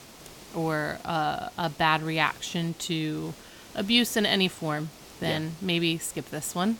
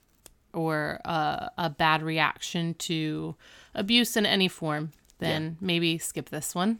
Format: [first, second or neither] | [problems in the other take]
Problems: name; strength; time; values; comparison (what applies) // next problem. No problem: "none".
second | hiss; noticeable; throughout; 20 dB below the speech